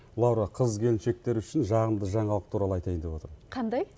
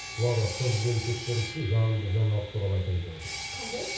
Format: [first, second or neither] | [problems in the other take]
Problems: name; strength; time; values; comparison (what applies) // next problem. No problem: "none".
first | background sound (Sawing); 10 dB below the speech // room echo; dies away in 0.6 s